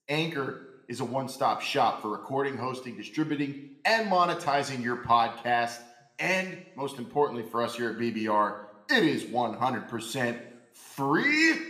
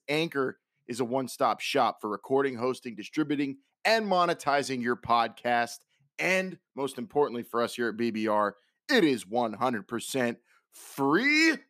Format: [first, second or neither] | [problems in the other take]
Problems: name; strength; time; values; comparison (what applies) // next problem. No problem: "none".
second | room echo; slight; dies away in 0.6 s